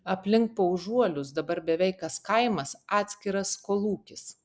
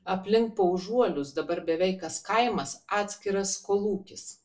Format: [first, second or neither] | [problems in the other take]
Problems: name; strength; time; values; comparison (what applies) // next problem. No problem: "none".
first | room echo; dies away in 0.2 s